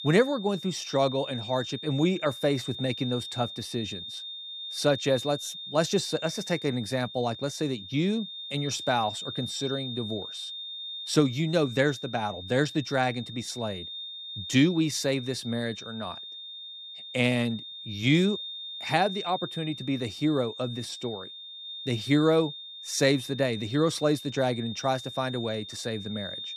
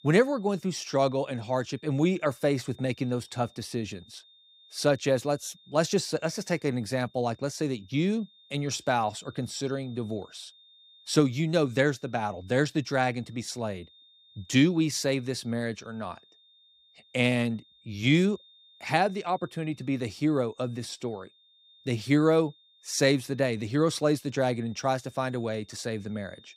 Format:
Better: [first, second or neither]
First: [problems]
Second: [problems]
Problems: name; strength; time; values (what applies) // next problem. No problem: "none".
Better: second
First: high-pitched whine; loud; throughout; 3.5 kHz, 9 dB below the speech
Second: high-pitched whine; faint; throughout; 3.5 kHz, 30 dB below the speech